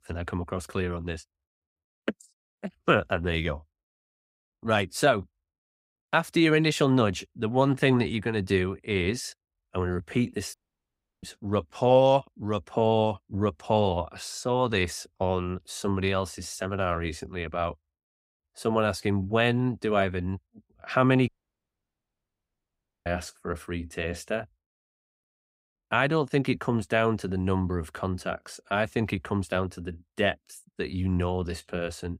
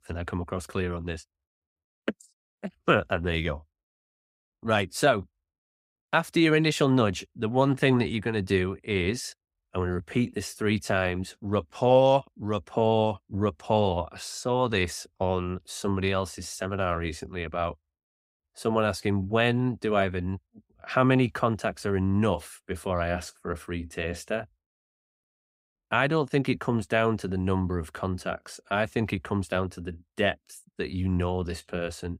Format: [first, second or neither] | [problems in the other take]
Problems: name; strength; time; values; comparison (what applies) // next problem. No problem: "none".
second | audio cutting out; at 11 s for 0.5 s and at 21 s for 2 s